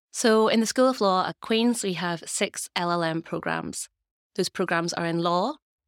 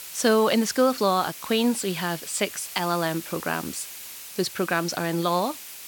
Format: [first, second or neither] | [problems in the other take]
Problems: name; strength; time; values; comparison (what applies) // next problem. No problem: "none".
first | hiss; noticeable; throughout; 10 dB below the speech